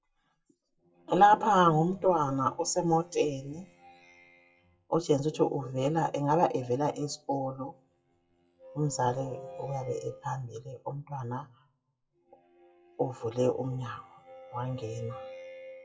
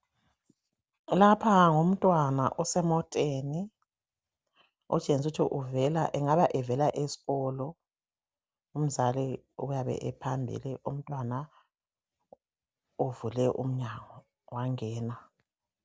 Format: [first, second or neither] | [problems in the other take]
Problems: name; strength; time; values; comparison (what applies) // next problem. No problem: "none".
second | noise reduction (classical method WPE with log-MMSE)